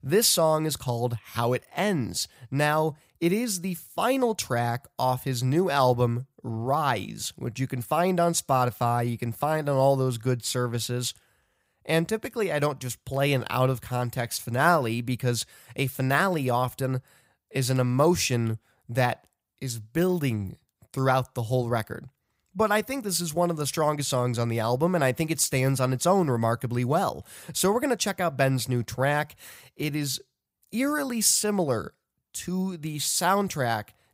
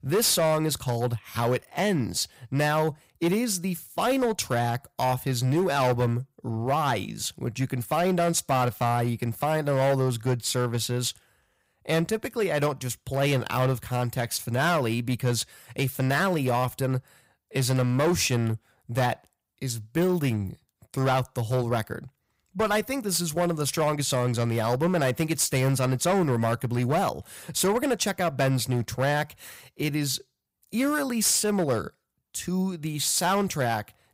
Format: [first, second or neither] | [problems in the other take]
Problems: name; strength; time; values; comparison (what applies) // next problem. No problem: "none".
first | distortion; slight; 8% of the sound clipped